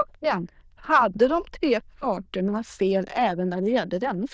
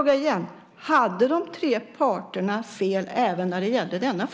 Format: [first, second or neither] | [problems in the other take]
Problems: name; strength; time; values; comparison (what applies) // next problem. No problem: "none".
second | noise reduction (neural diffusion model UNIVERSE++)